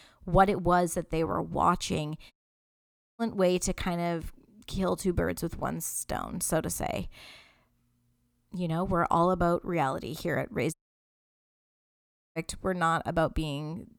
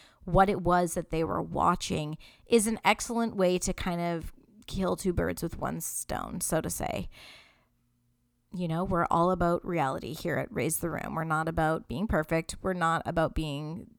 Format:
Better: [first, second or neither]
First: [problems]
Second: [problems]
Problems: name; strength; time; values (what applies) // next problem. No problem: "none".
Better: second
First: audio cutting out; at 2.5 s for 1 s and at 11 s for 1.5 s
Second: none